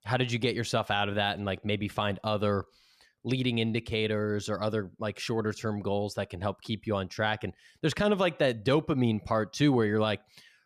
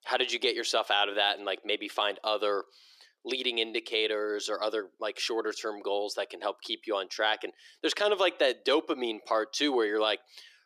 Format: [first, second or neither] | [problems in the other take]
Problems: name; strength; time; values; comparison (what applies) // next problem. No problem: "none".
first | thin; very; fading below 350 Hz